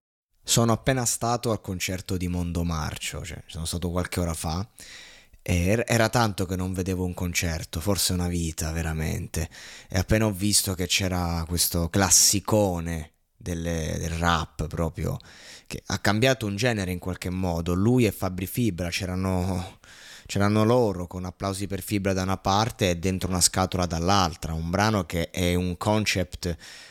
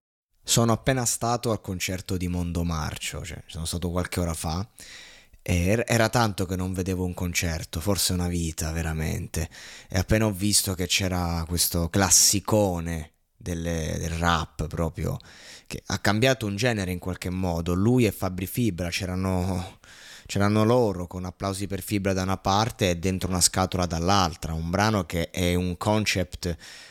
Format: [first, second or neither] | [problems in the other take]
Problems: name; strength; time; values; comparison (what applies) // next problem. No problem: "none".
neither | none